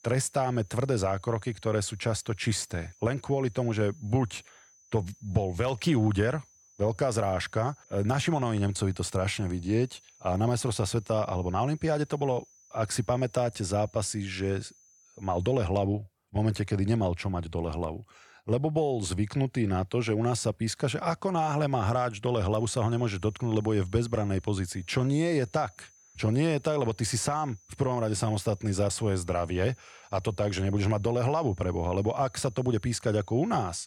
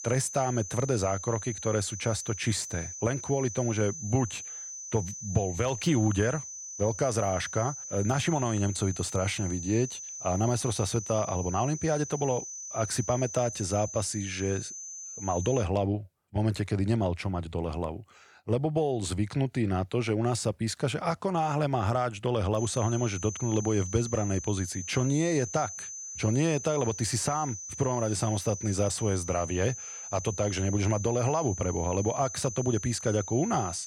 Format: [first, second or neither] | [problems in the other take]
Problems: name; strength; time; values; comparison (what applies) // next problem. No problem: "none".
first | high-pitched whine; loud; until 16 s and from 23 s on; 6 kHz, 8 dB below the speech; faint in the first